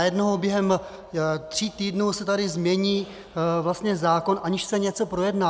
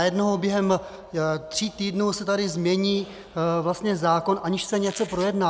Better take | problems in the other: first | background sound (Squeak); 19 dB below the speech

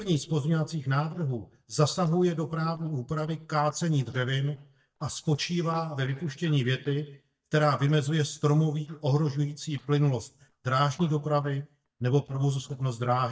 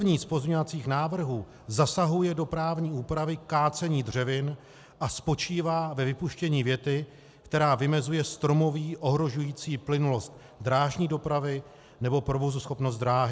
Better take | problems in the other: second | noise reduction (neural mask model DeepFilterNet 3)

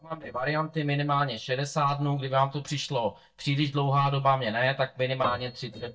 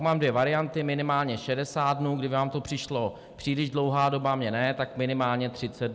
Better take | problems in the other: second | noise reduction (neural mask model DeepFilterNet 3)

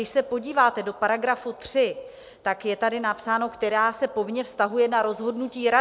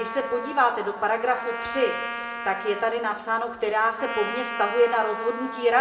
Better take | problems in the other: first | background sound (Trumpet); 9 dB below the speech // room echo; dies away in 1.5 s

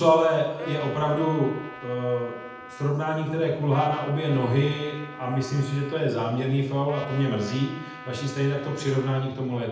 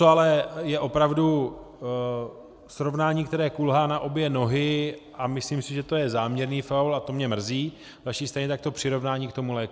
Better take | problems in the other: second | background sound (Trumpet); 17 dB below the speech // room echo; dies away in 0.8 s

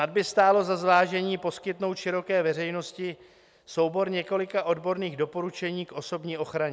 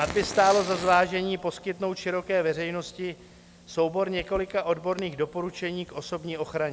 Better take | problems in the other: first | background sound (Fire); 15 dB below the speech

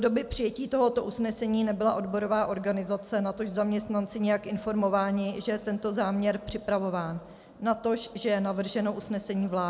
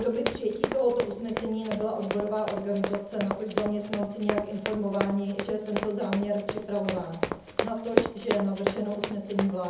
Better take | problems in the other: first | background sound (Run); 4 dB below the speech // room echo; dies away in 0.7 s

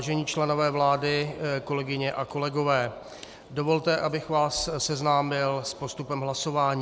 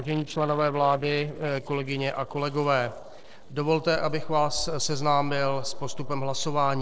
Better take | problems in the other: first | noise reduction (neural separator model SepFormer DNS4)

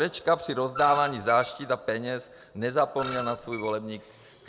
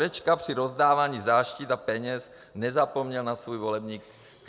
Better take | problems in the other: second | background sound (Screech); 11 dB below the speech

